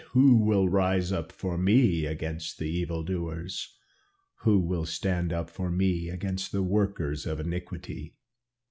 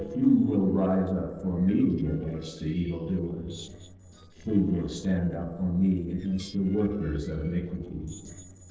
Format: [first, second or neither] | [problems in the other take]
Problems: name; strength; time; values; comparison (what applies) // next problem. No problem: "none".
first | noise reduction (neural separator model SepFormer DNS4)